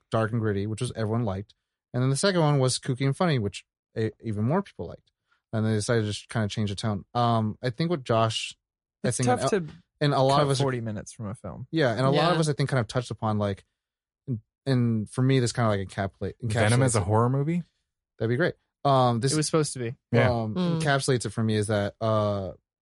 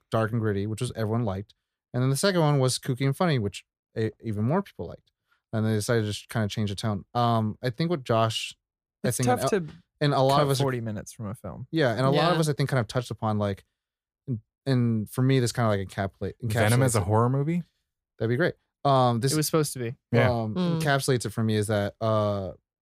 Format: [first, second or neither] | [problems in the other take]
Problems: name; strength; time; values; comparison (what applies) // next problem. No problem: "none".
second | garbled, watery; slightly; nothing above 11 kHz